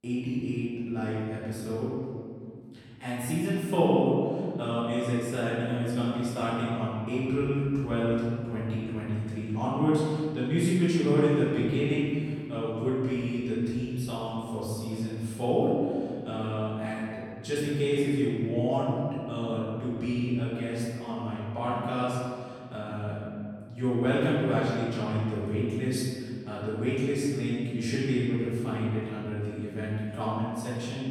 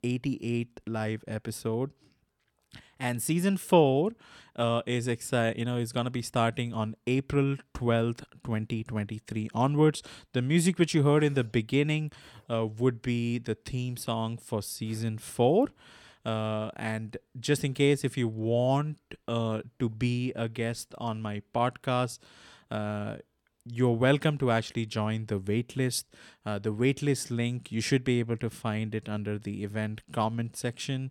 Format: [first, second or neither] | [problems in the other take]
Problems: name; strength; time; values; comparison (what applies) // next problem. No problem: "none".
second | off-mic speech; far // room echo; strong; dies away in 2.2 s